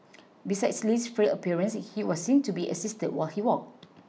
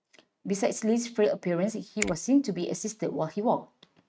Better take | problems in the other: first | noise reduction (neural mask model RNNoise)

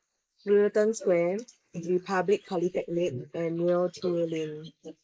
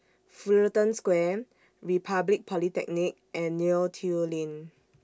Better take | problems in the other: second | noise reduction (neural mask model Resemble Enhance denoiser)

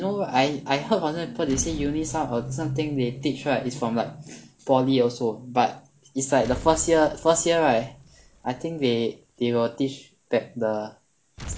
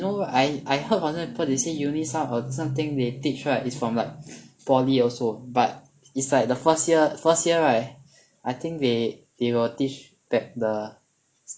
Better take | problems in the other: second | background sound (Explosion); 19 dB below the speech

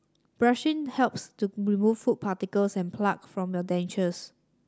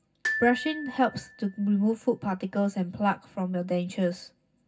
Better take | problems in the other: first | background sound (Glockenspiel); 9 dB below the speech // room echo; dies away in 0.4 s

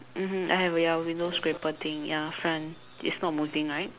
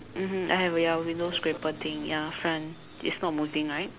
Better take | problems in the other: first | background sound (Accelerating, revving, vroom); 18 dB below the speech

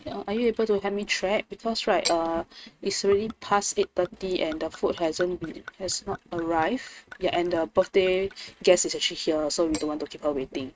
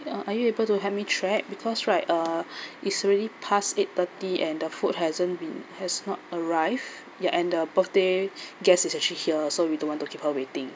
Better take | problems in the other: second | noise reduction (neural mask model RNNoise)

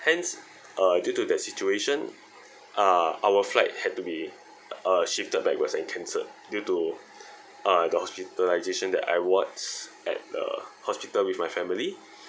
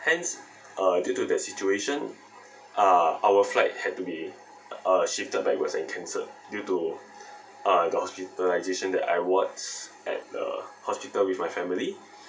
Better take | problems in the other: first | room echo; dies away in 0.2 s

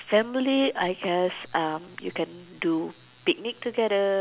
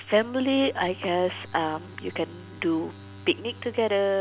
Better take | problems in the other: first | background sound (Bowed string instrument); 19 dB below the speech

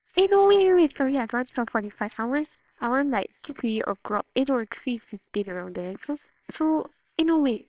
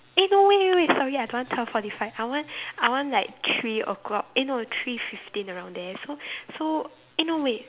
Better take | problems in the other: second | noise reduction (neural separator model SepFormer WHAMR!)

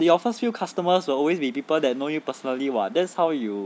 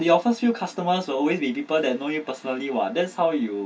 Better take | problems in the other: first | room echo; dies away in 0.1 s

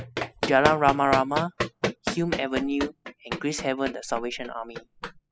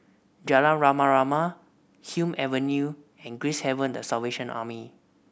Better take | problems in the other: second | noise reduction (classical method spectral subtraction)

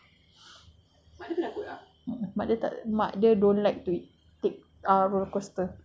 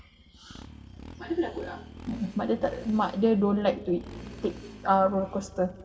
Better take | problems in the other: first | background sound (Motorcycle); 16 dB below the speech // room echo; dies away in 1.4 s

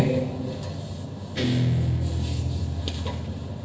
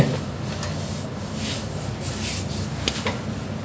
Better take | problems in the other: second | background sound (Guitar); 2 dB above the speech // room echo; dies away in 1.6 s

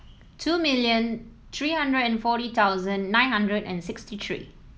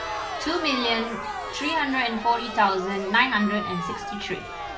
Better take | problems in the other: first | background sound (Crowd); 7 dB below the speech // room echo; dies away in 0.2 s

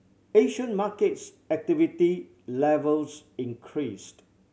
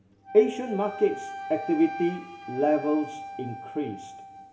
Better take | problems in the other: first | background sound (Wind instrument, woodwind instrument); 12 dB below the speech // room echo; dies away in 1.9 s

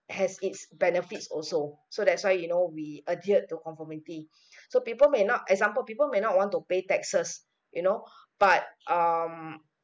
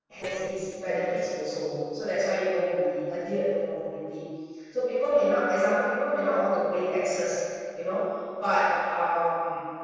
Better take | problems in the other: first | noise reduction (neural separator model SepFormer DNS4)

